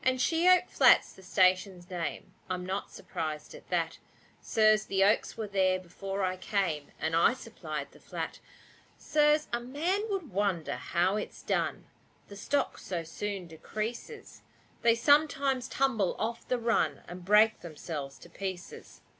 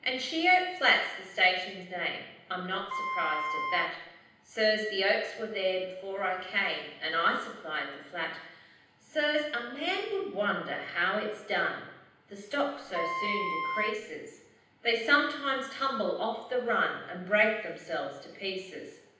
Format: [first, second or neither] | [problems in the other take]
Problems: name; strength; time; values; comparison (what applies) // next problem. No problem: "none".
first | background sound (Wind instrument, woodwind instrument); 3 dB below the speech // room echo; dies away in 0.9 s